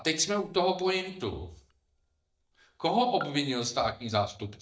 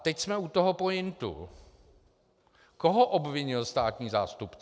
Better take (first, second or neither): second